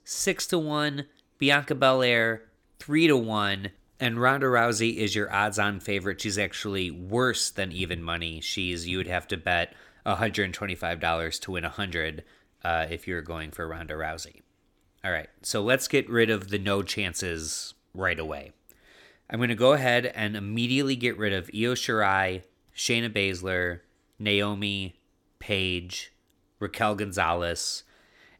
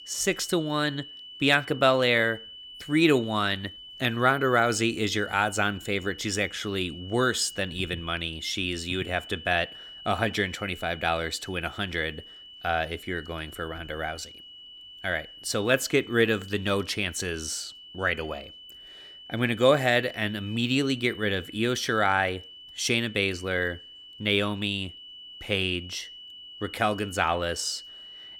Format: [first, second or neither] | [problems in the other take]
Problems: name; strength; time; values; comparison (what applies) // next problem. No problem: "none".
first | high-pitched whine; noticeable; throughout; 3 kHz, 15 dB below the speech